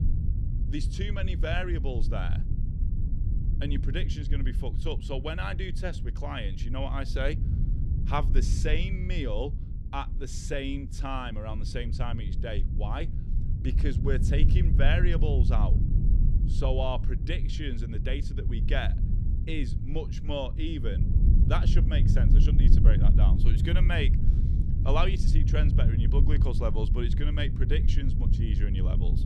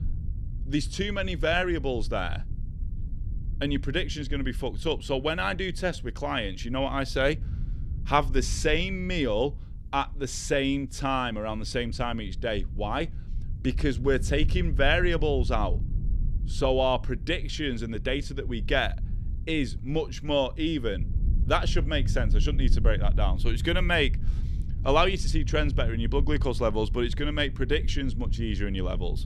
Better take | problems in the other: second | low rumble; loud; throughout; 7 dB below the speech; faint in the second

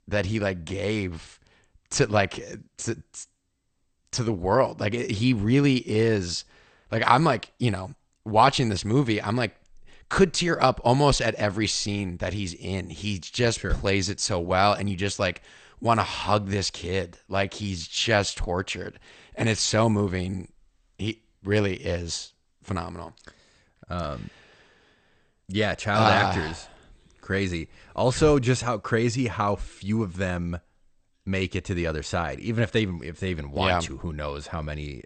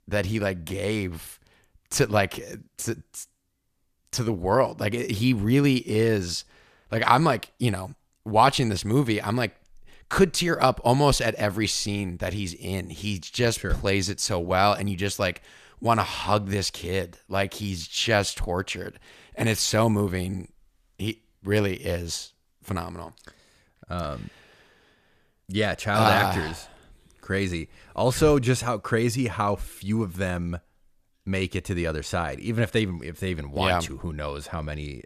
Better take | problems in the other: second | garbled, watery; slightly; nothing above 8.5 kHz

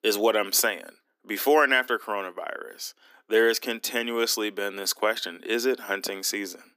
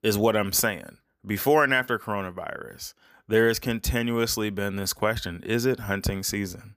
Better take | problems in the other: second | thin; somewhat; fading below 250 Hz

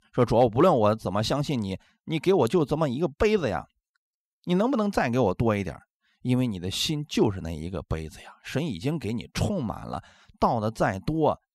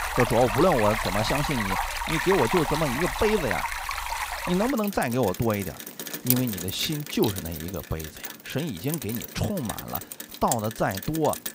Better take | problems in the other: first | rain or running water; loud; throughout; 4 dB below the speech

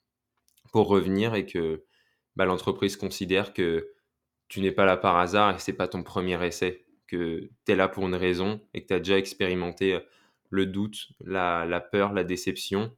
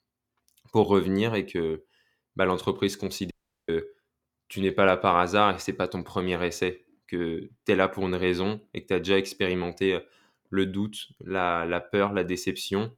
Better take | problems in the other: first | audio cutting out; at 3.5 s

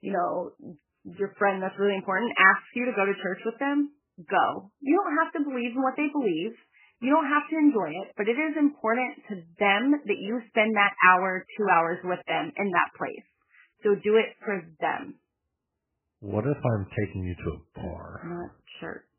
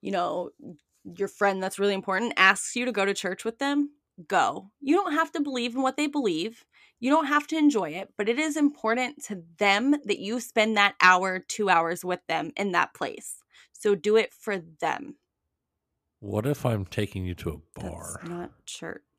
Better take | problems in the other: second | garbled, watery; badly; nothing above 3 kHz

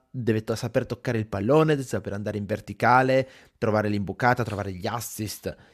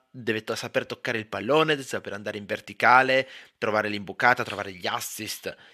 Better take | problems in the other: first | thin; somewhat; fading below 800 Hz

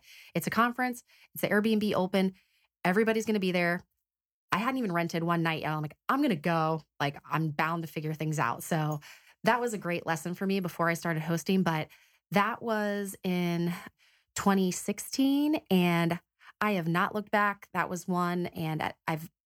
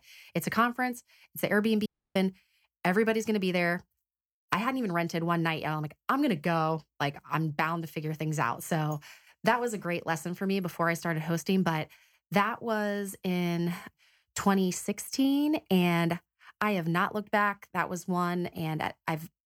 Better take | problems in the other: first | audio cutting out; at 2 s

